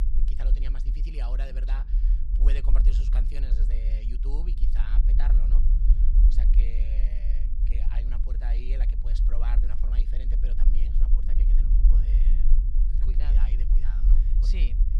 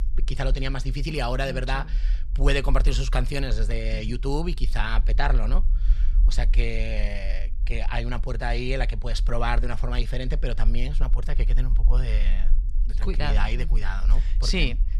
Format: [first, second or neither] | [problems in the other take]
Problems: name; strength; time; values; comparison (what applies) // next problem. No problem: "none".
second | low rumble; loud; throughout; 3 dB below the speech; faint in the second